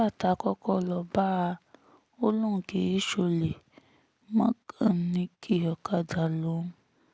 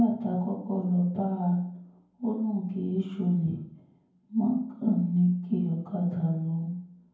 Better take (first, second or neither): first